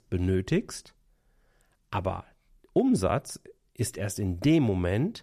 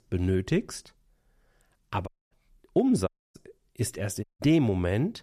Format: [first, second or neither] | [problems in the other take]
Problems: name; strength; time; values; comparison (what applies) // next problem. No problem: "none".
first | audio cutting out; at 2 s, at 3 s and at 4 s